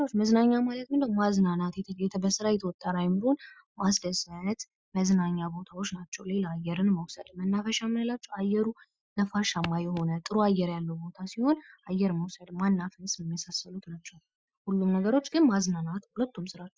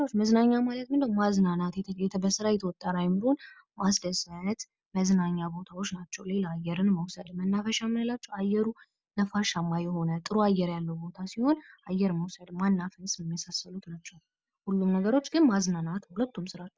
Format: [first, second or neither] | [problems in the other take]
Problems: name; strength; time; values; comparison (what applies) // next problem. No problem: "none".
second | noise reduction (classical method Wiener filter)